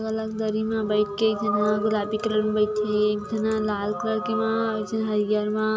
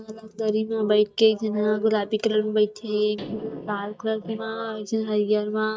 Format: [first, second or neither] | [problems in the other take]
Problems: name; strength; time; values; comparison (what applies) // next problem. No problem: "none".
first | noise reduction (neural mask model DeepFilterNet 3)